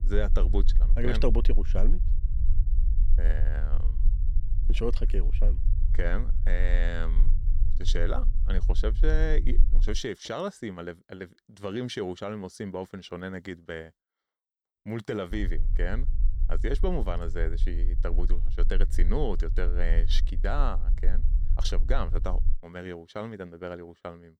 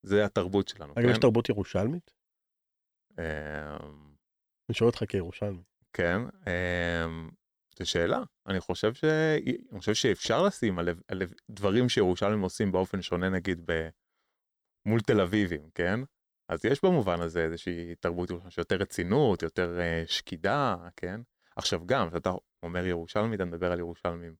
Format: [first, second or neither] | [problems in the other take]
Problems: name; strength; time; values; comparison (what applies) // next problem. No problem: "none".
second | low rumble; noticeable; until 10 s and from 15 to 23 s; 15 dB below the speech